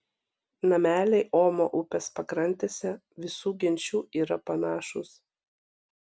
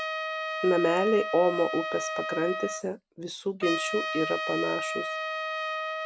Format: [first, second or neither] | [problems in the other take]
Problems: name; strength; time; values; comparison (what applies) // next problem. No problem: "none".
first | background sound (Trumpet); 3 dB below the speech